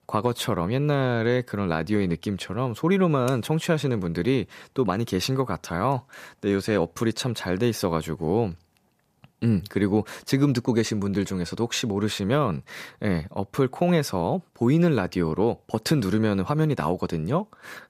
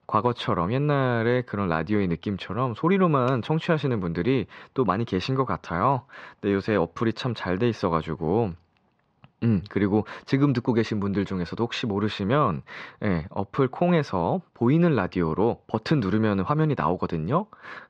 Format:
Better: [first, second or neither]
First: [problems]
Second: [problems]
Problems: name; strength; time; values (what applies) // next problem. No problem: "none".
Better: first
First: none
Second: muffled; slightly; fading above 4 kHz